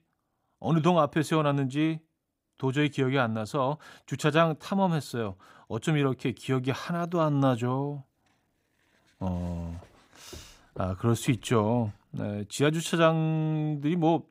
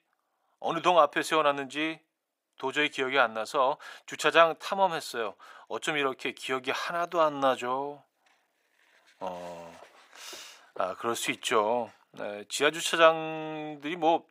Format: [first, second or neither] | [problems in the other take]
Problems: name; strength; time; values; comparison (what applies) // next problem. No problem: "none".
first | thin; very; fading below 600 Hz